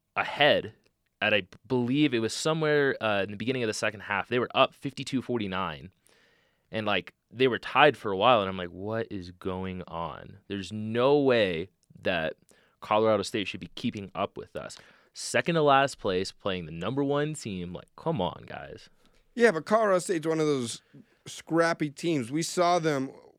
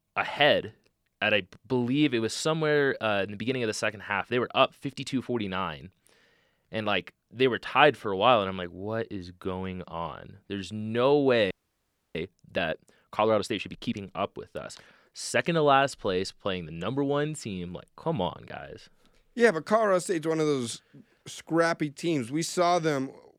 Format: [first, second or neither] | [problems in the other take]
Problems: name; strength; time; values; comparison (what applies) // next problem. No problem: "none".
first | audio freezing; at 12 s for 0.5 s